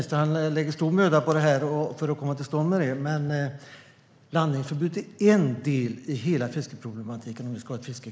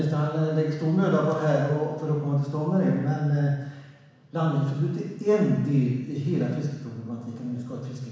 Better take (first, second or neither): first